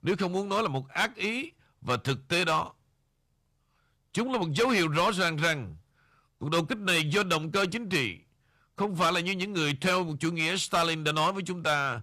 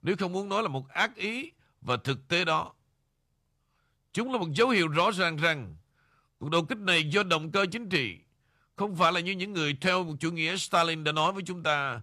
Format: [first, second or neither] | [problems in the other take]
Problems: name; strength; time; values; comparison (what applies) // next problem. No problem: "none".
second | distortion; slight; 5% of the sound clipped